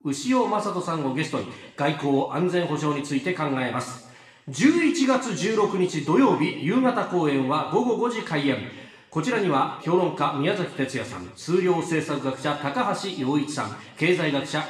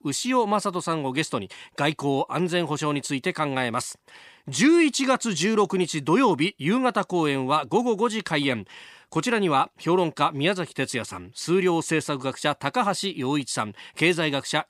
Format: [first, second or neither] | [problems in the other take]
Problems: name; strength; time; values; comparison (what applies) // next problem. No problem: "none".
second | room echo; slight; dies away in 0.9 s // off-mic speech; far